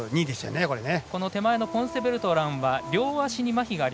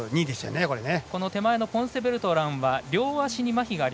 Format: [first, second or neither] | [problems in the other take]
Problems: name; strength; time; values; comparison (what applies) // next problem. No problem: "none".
second | background sound (Organ); 13 dB below the speech